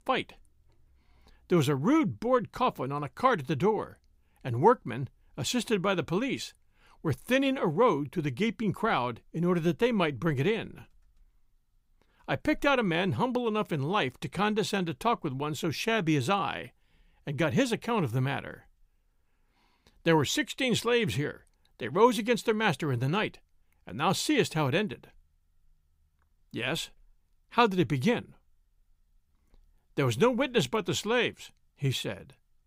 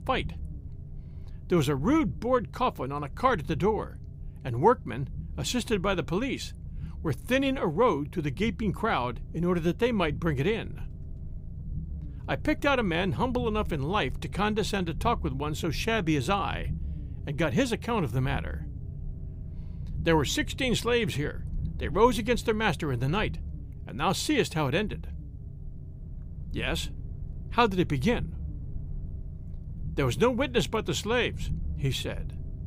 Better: first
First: none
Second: low rumble; faint; throughout; 25 dB below the speech

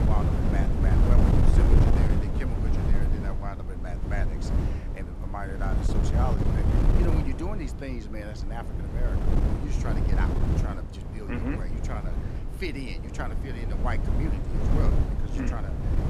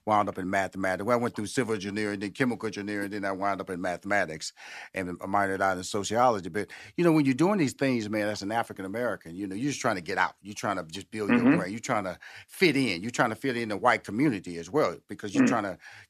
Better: second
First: wind noise on the microphone; heavy; 1 dB above the speech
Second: none

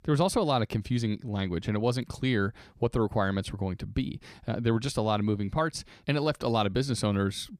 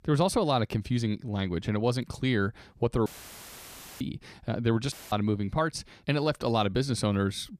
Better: first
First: none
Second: audio cutting out; filled with static; at 3 s for 1 s and at 5 s

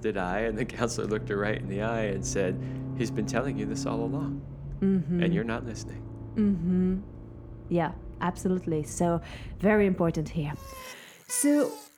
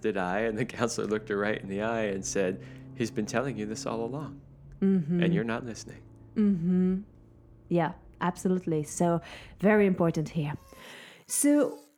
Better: second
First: traffic noise; loud; throughout; 10 dB below the speech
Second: traffic noise; faint; throughout; 20 dB below the speech

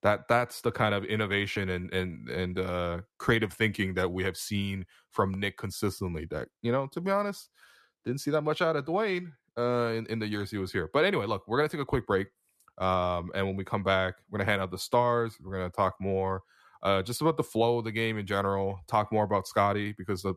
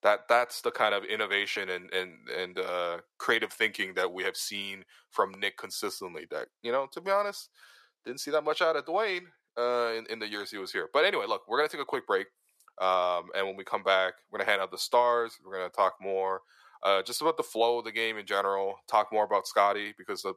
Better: first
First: none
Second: thin; very; fading below 550 Hz

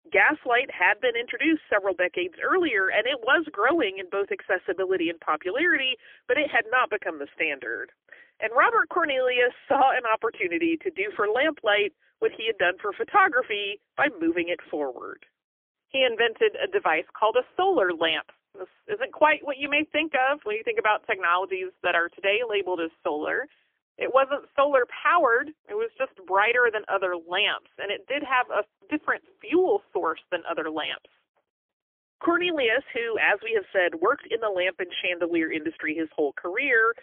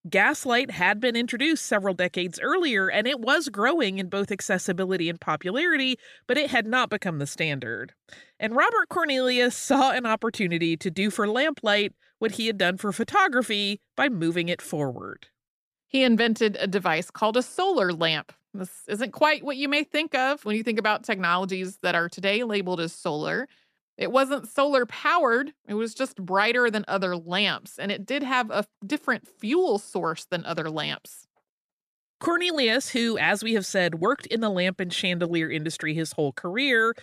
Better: second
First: phone-call audio; poor line; nothing above 3.5 kHz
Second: none

